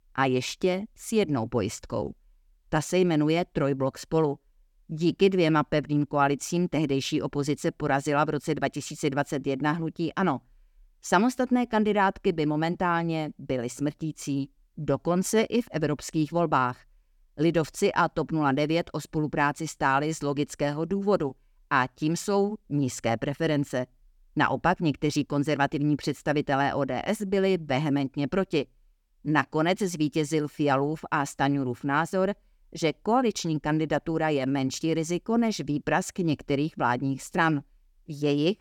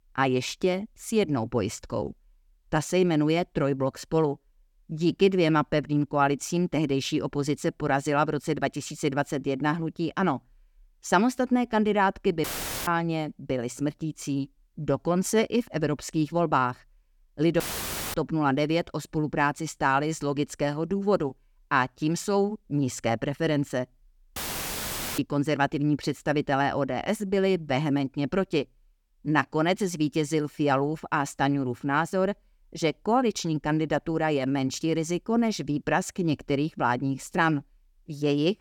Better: first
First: none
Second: audio cutting out; filled with static; at 12 s, at 18 s for 0.5 s and at 24 s for 1 s

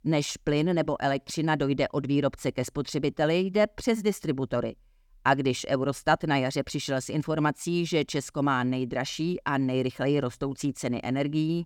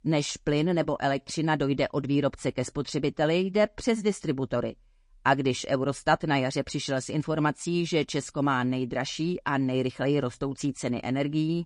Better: first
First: none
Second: garbled, watery; slightly; nothing above 10.5 kHz

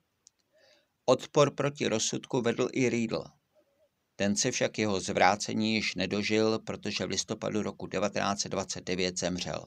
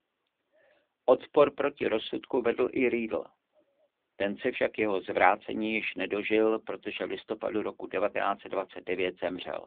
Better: first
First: none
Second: phone-call audio; poor line; nothing above 3.5 kHz

